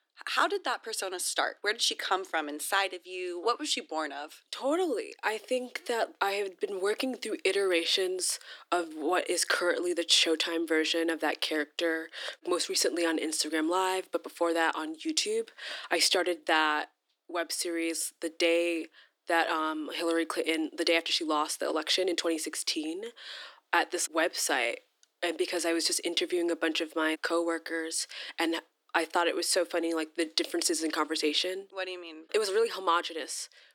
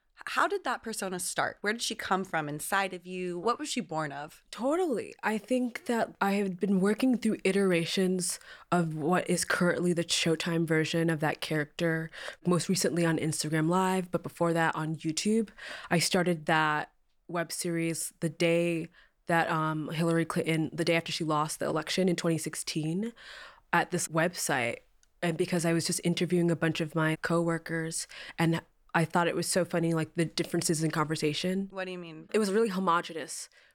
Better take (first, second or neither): second